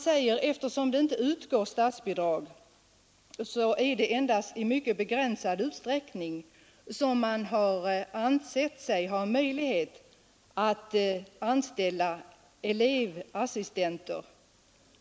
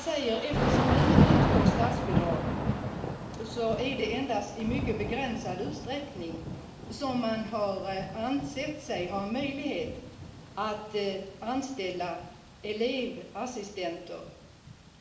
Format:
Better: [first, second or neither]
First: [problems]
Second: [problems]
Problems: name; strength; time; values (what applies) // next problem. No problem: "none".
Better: first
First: none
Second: background sound (Thunder / Rain); 2 dB above the speech // room echo; dies away in 0.9 s